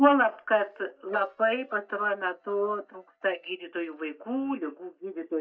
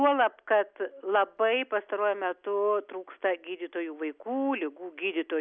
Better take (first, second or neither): second